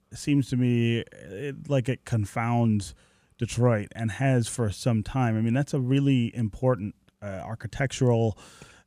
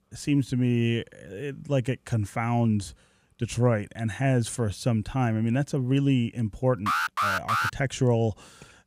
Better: first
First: none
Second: alarm; loud; at 7 s; peak 2 dB above the speech

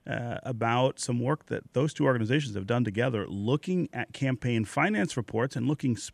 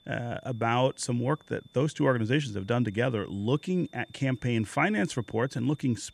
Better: first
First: none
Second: high-pitched whine; faint; throughout; 3.5 kHz, 30 dB below the speech

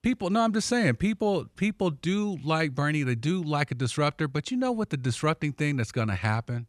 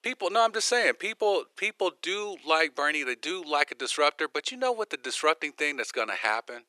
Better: first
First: none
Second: thin; very; fading below 400 Hz

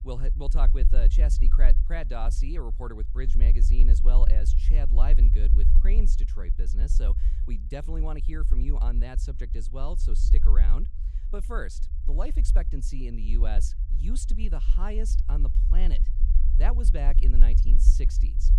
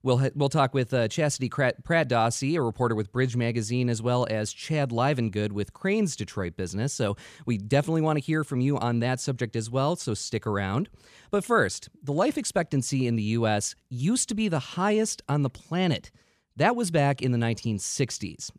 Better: second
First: low rumble; loud; throughout; 8 dB below the speech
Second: none

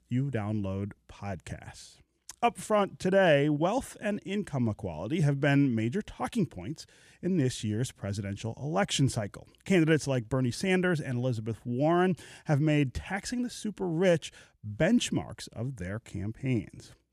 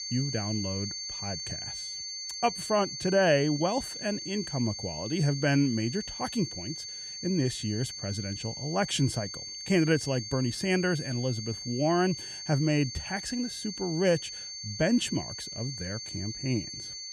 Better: first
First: none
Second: high-pitched whine; loud; throughout; 4.5 kHz, 7 dB below the speech

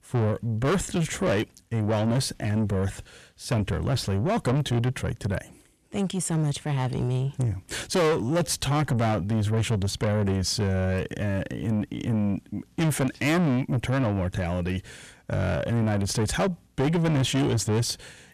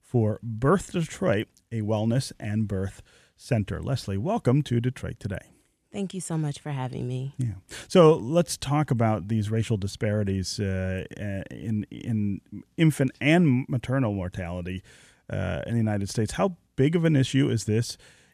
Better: second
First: distortion; heavy; 6 dB below the speech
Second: none

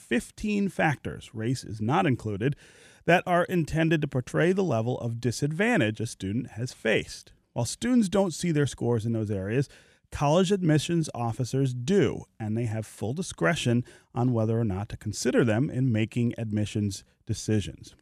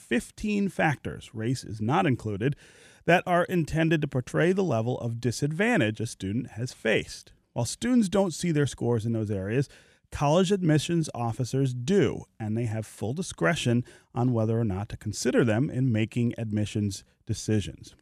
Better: neither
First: none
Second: none

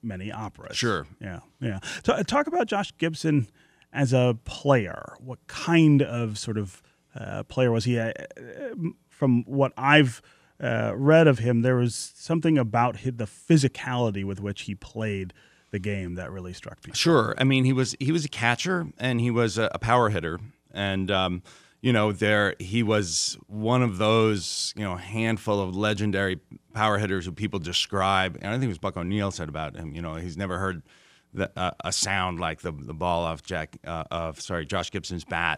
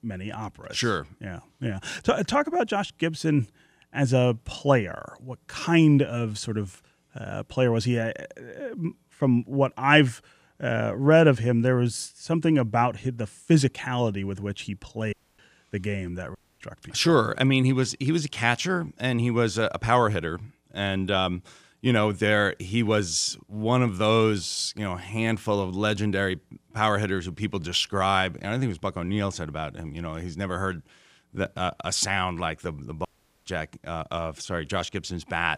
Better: first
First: none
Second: audio cutting out; at 15 s, at 16 s and at 33 s

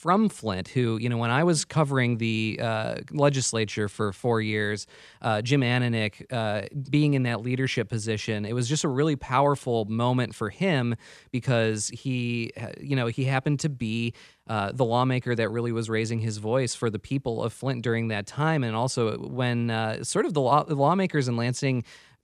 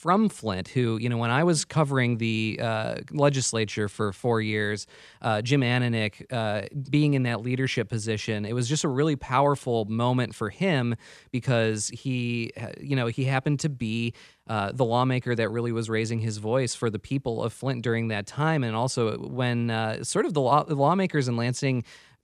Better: neither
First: none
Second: none

